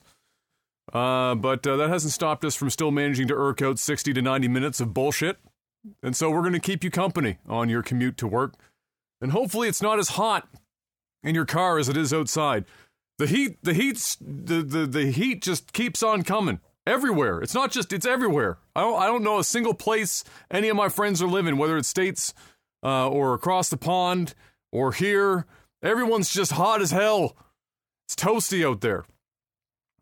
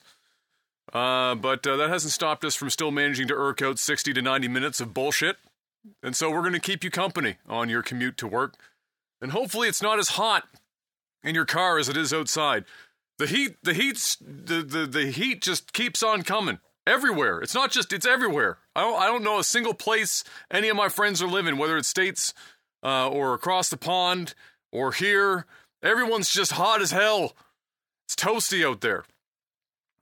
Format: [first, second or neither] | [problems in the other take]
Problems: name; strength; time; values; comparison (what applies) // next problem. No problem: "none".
first | thin; very slightly; fading below 350 Hz